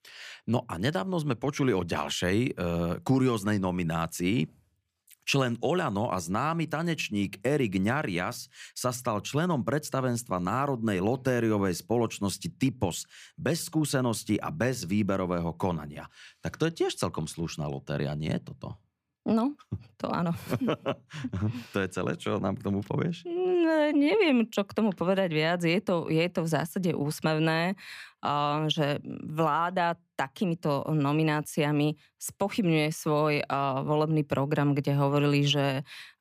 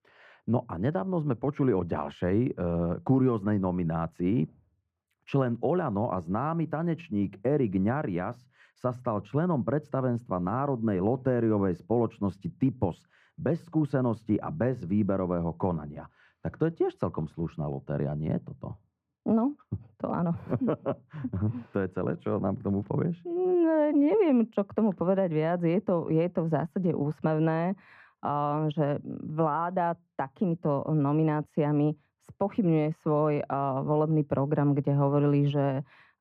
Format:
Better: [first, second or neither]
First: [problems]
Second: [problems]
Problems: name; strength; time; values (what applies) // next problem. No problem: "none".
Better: first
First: none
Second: muffled; very; fading above 2.5 kHz